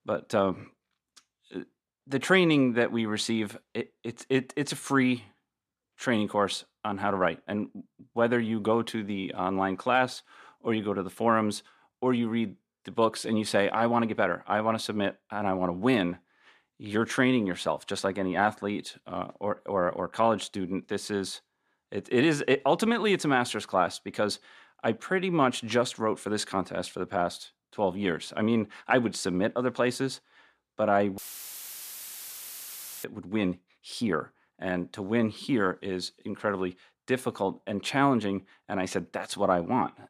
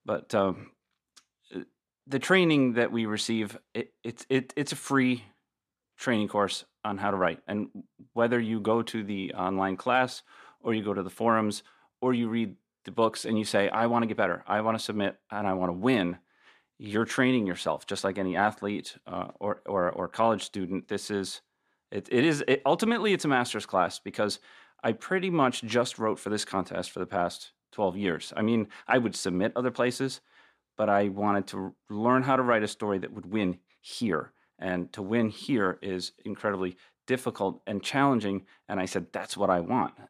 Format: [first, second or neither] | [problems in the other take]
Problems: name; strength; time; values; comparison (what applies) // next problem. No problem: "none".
second | audio cutting out; filled with static; at 31 s for 2 s